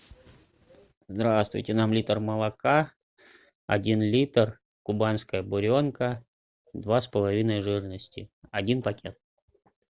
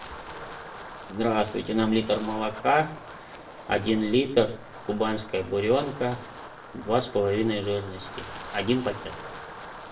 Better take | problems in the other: first | background sound (Wind); 14 dB below the speech // room echo; dies away in 0.5 s

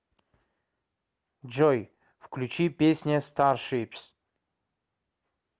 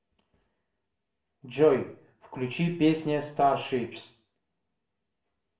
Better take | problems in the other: first | room echo; dies away in 0.4 s

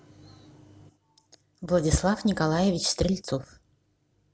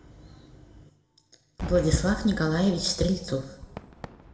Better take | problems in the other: first | background sound (Cheering / Fireworks); 13 dB below the speech // room echo; dies away in 0.9 s

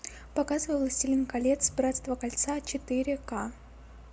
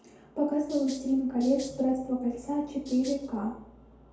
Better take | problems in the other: first | background sound (Rattle (instrument)); 20 dB below the speech // room echo; dies away in 2.2 s

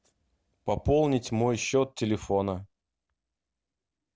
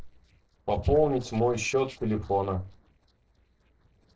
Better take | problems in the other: first | noise reduction (neural separator model SepFormer DNS4)

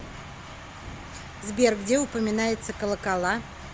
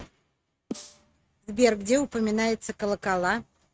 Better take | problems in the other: first | noise reduction (neural mask model RNNoise)

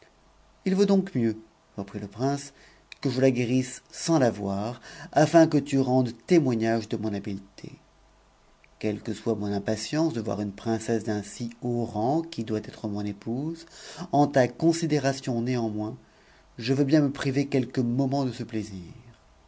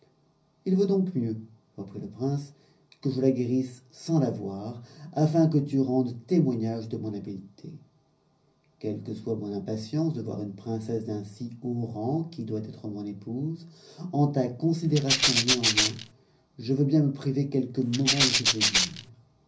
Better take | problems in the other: first | background sound (Rattle (instrument)); 3 dB above the speech // room echo; dies away in 0.5 s

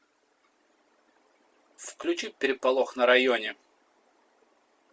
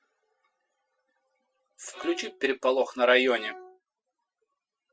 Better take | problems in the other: first | noise reduction (classical method Wiener filter)

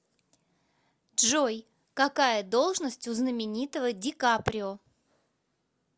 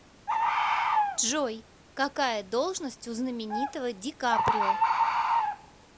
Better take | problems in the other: first | background sound (Bird); 3 dB above the speech

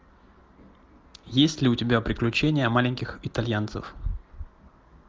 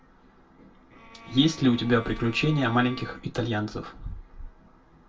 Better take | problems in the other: first | background sound (Bowed string instrument); 18 dB below the speech // room echo; dies away in 0.2 s

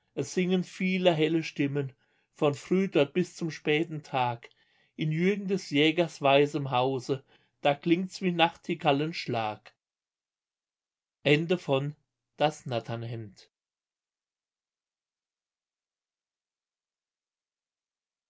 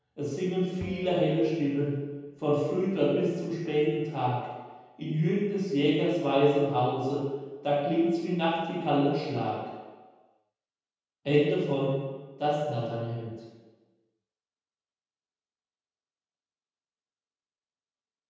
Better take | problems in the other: first | background sound (Bowed string instrument); 17 dB below the speech // room echo; dies away in 1.2 s

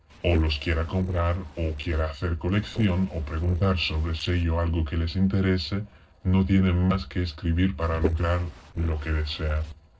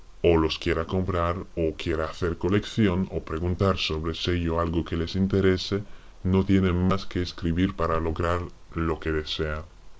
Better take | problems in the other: second | noise reduction (neural separator model SepFormer DNS4)

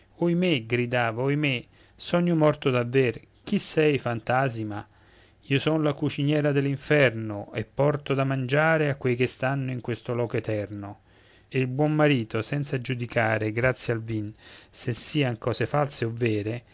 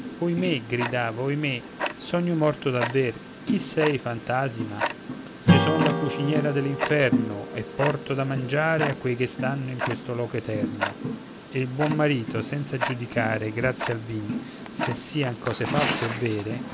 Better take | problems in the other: first | background sound (Strum + Tick-tock); 3 dB below the speech

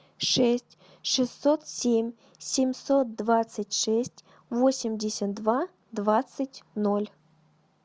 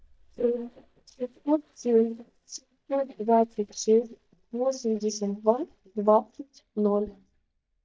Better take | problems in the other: first | noise reduction (neural mask model DeepFilterNet 3)

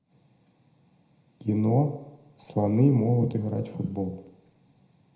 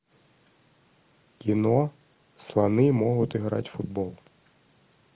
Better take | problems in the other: second | room echo; dies away in 0.8 s

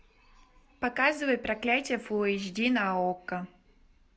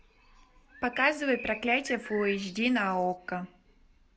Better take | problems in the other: first | background sound (Bird); 13 dB below the speech

